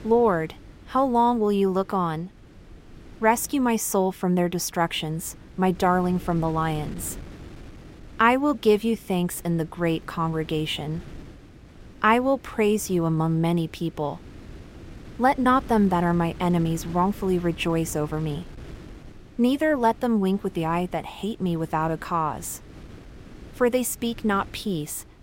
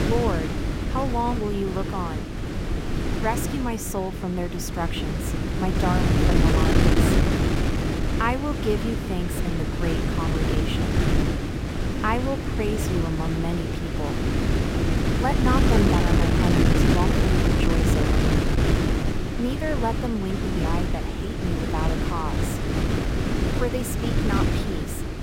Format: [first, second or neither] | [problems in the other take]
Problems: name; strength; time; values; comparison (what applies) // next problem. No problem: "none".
first | wind noise on the microphone; heavy; 1 dB above the speech; occasional gusts in the first